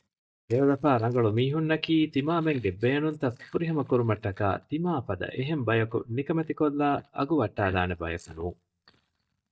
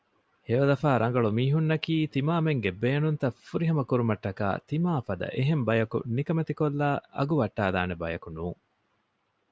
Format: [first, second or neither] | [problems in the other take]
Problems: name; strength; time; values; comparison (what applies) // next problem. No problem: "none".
second | noise reduction (neural mask model DeepFilterNet 3)